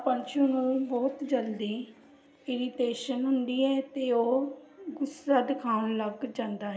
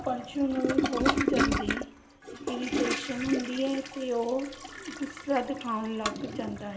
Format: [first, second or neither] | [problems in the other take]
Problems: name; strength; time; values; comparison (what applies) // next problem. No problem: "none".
first | background sound (Toilet flush); as loud as the speech